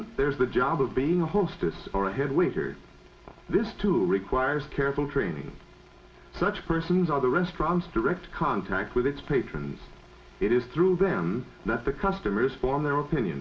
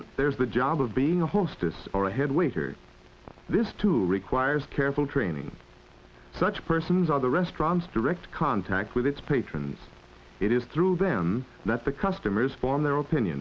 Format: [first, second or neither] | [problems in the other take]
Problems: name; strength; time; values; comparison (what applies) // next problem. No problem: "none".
second | room echo; dies away in 0.5 s